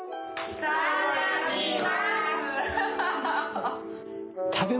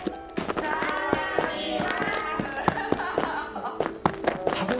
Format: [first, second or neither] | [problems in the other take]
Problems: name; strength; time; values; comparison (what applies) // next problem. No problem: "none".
first | background sound (Run); as loud as the speech // room echo; dies away in 1.9 s